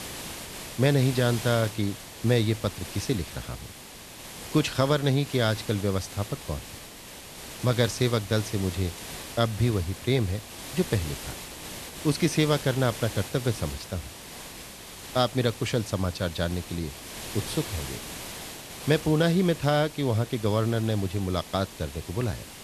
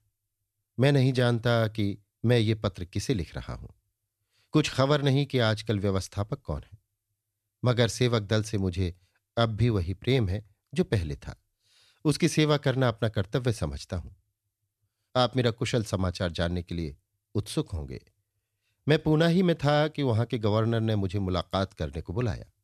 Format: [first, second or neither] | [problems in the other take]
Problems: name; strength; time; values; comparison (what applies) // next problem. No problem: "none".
second | hiss; noticeable; throughout; 10 dB below the speech